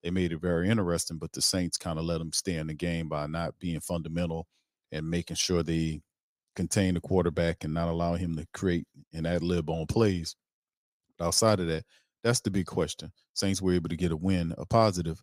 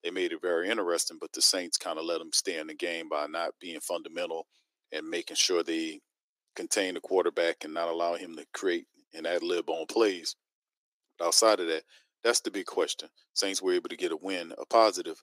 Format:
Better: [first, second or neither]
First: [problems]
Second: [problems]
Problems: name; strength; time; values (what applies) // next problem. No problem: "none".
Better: first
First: none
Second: thin; very; fading below 300 Hz